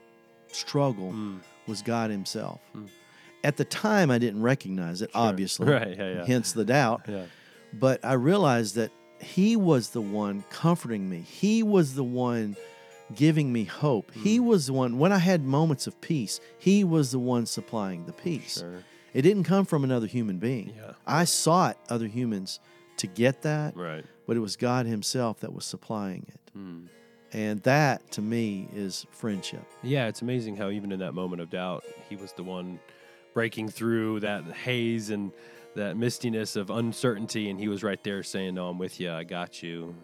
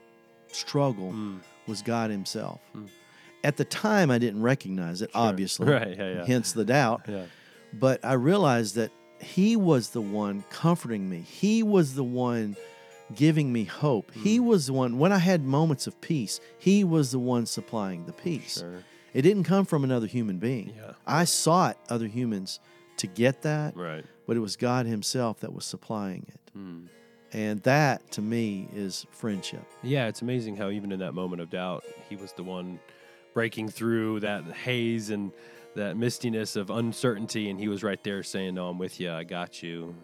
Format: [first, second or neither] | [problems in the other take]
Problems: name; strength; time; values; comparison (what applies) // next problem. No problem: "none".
neither | background music; faint; throughout; 25 dB below the speech; the same in both